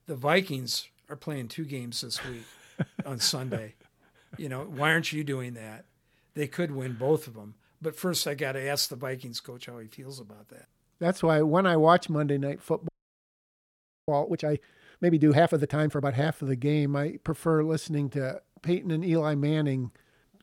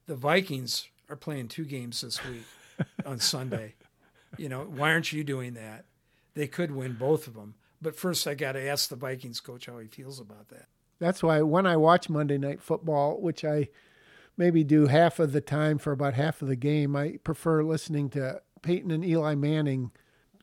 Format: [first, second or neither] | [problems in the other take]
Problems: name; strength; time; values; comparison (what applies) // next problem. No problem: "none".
second | audio freezing; at 13 s for 1 s